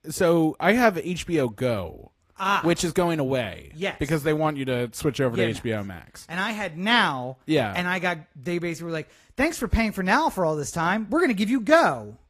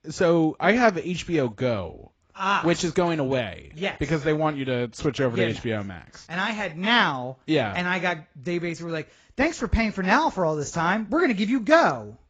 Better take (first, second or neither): first